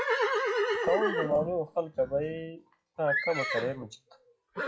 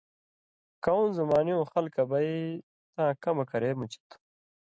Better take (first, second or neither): second